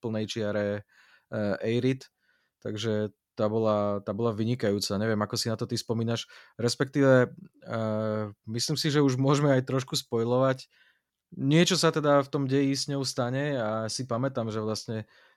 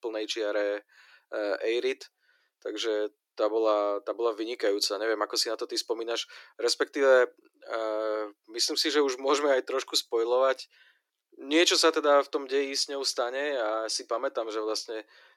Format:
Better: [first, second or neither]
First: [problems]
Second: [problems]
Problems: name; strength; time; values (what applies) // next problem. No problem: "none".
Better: first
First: none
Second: thin; very; fading below 300 Hz